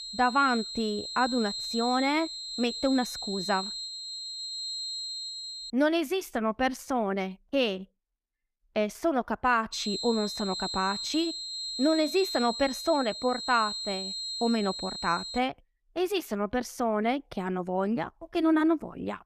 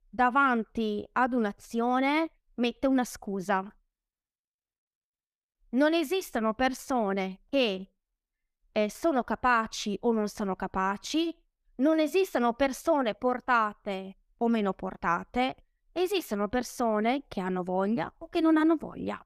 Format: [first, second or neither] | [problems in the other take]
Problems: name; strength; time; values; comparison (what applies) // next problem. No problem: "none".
second | high-pitched whine; loud; until 5.5 s and from 9.5 to 15 s; 4 kHz, 5 dB below the speech